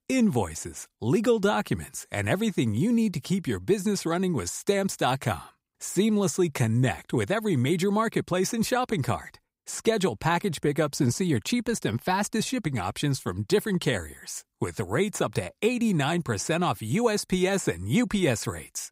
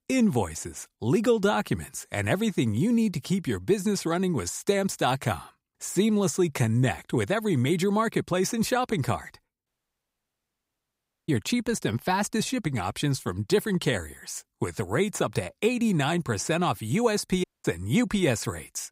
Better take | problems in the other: first | audio cutting out; at 9.5 s for 1.5 s and at 17 s

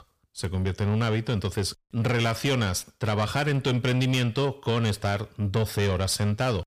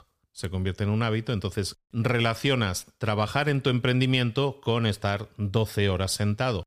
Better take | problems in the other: second | distortion; slight; 10 dB below the speech

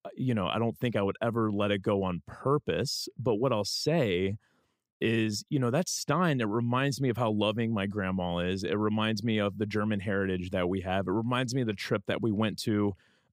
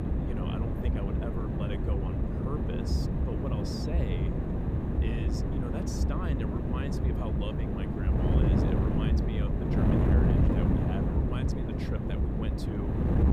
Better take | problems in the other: first | wind noise on the microphone; heavy; 5 dB above the speech

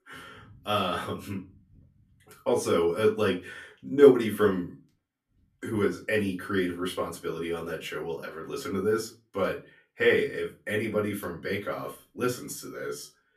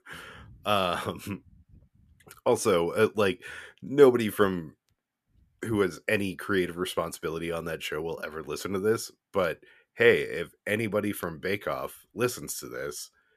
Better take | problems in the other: second | off-mic speech; far // room echo; very slight; dies away in 0.2 s

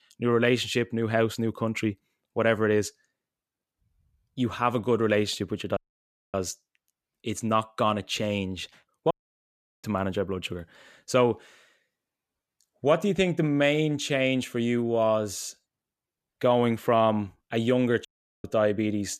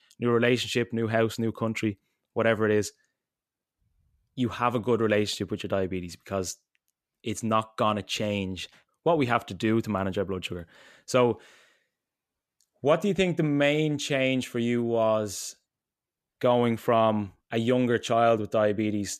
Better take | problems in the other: second | audio cutting out; at 6 s for 0.5 s, at 9 s for 0.5 s and at 18 s

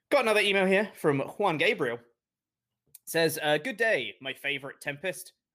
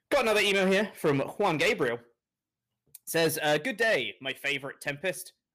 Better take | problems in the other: first | distortion; slight; 6% of the sound clipped

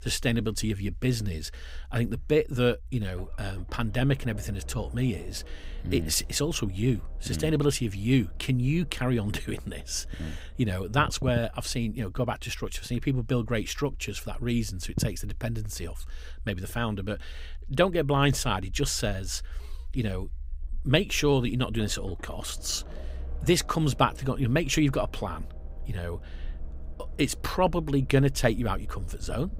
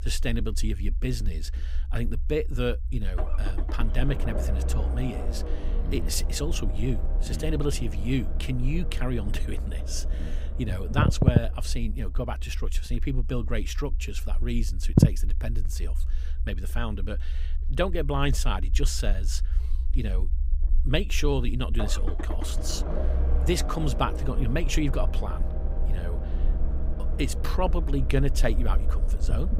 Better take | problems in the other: first | low rumble; loud; throughout; 6 dB below the speech; faint in the first

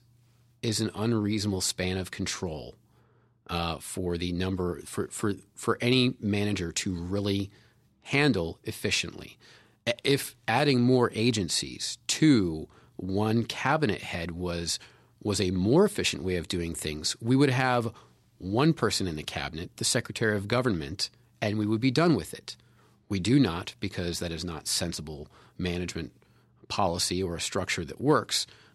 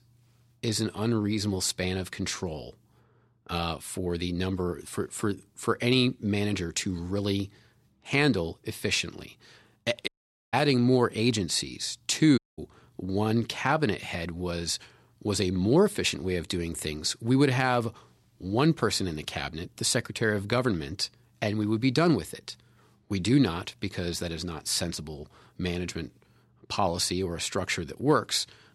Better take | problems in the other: first | audio cutting out; at 10 s and at 12 s

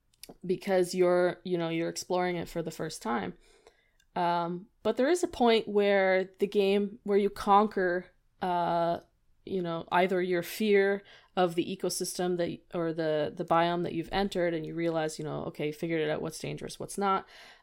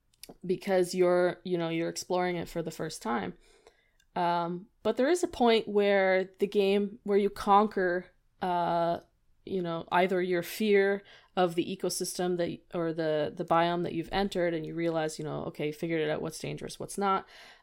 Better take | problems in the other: neither | none

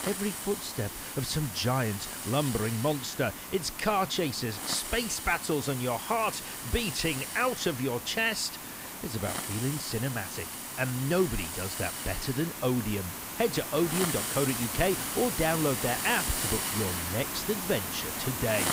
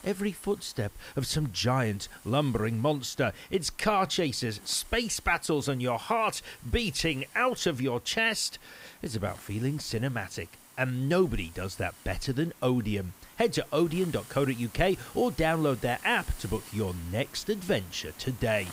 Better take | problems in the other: second | hiss; loud; throughout; 3 dB below the speech; faint in the second

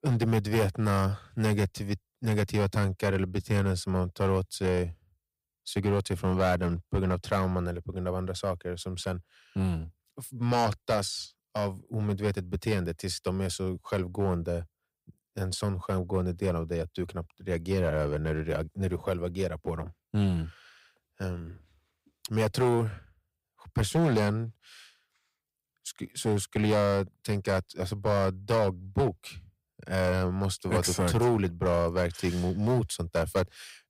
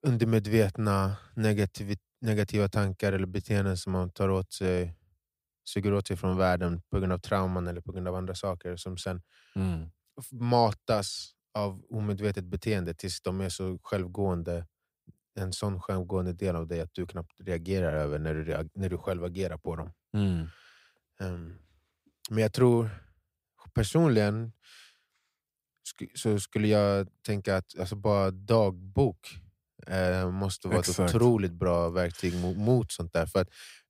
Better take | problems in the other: second | distortion; slight; 4% of the sound clipped

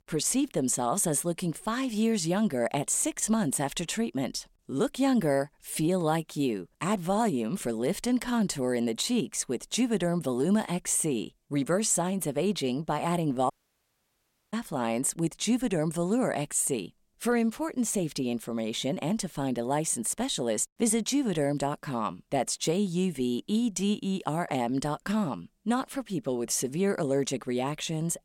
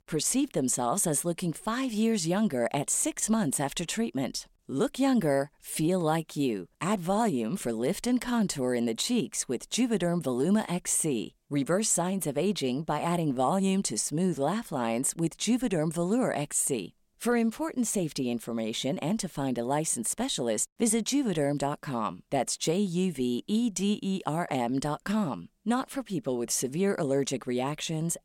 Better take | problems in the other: second | audio cutting out; at 14 s for 1 s

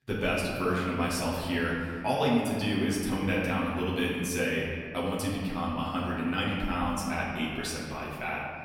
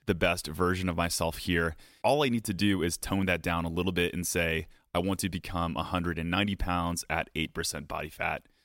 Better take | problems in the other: second | off-mic speech; far // room echo; noticeable; dies away in 1.9 s

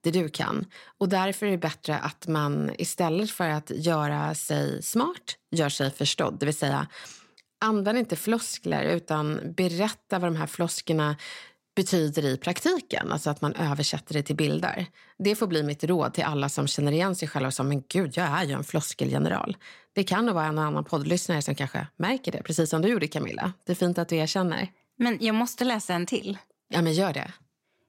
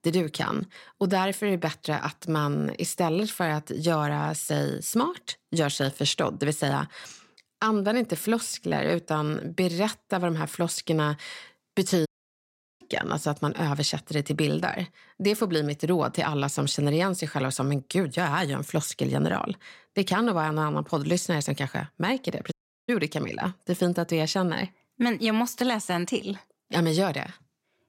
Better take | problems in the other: first | audio cutting out; at 12 s for 0.5 s and at 23 s

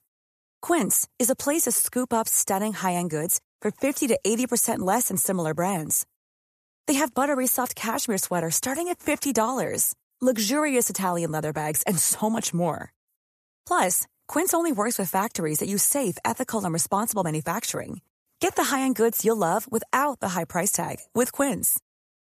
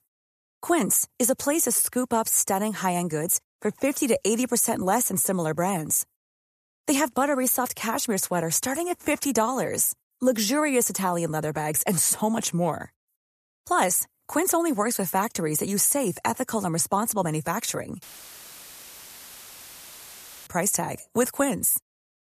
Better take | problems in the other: first | audio cutting out; filled with static; at 18 s for 2.5 s

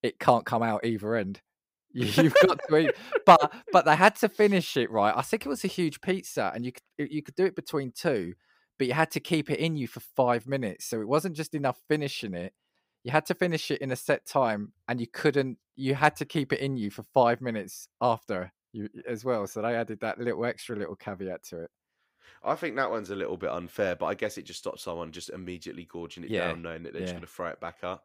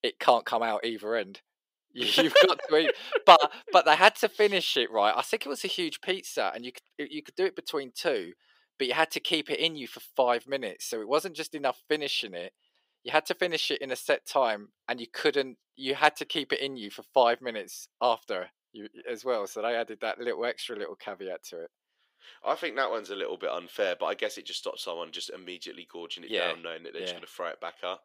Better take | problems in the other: first | thin; somewhat; fading below 450 Hz

